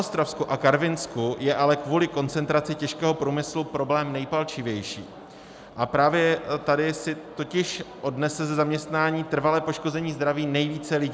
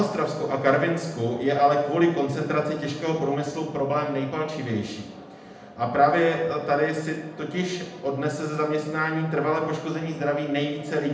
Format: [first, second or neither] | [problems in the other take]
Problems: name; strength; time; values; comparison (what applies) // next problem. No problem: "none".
first | room echo; dies away in 0.8 s